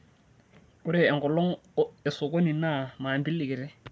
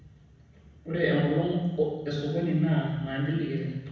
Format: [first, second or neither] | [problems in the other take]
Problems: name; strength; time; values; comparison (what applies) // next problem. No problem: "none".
first | room echo; dies away in 1.1 s